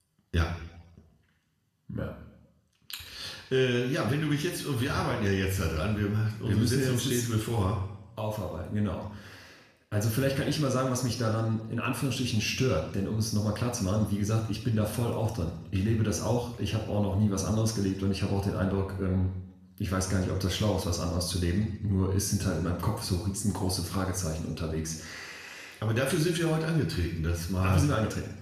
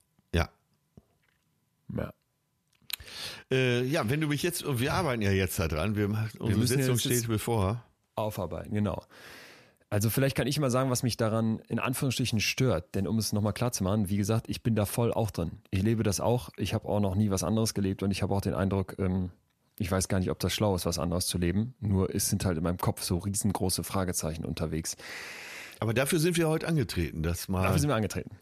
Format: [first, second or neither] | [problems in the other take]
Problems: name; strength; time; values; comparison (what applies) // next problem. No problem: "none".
second | room echo; noticeable; dies away in 0.8 s // off-mic speech; somewhat distant